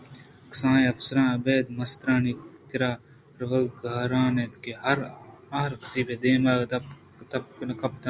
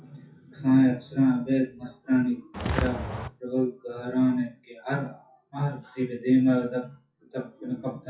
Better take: first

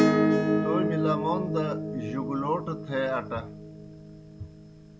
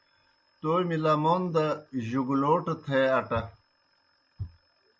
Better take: second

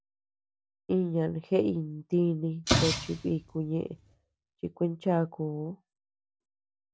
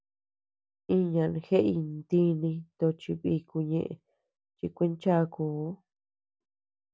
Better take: second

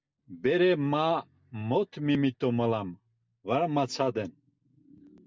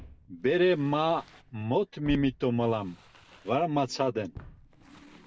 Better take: first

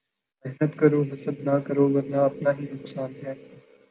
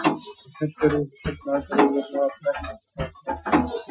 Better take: first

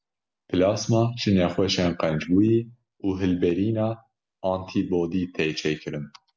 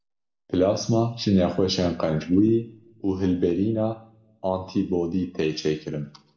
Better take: first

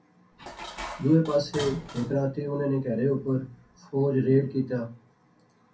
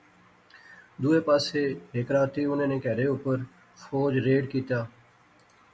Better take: second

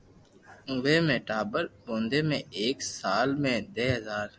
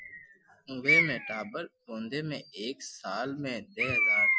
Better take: first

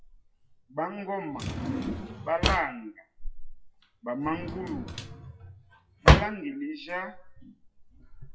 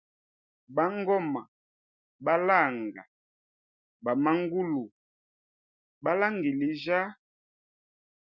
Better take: second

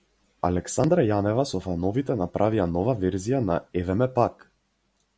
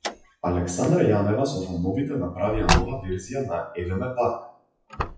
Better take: first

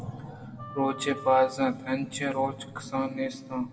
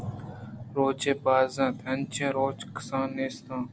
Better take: second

